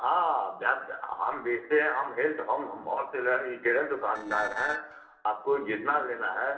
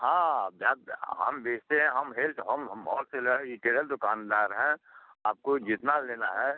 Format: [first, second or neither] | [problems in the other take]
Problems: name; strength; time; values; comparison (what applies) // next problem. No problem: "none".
second | noise reduction (neural separator model SepFormer DNS4)